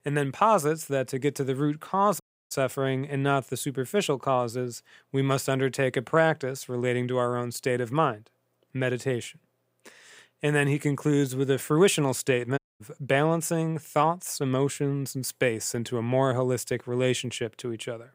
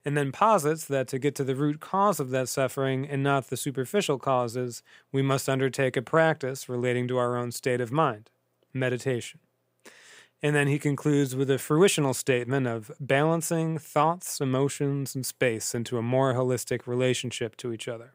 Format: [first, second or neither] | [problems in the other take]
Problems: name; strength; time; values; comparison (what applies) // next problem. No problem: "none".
second | audio cutting out; at 2 s and at 13 s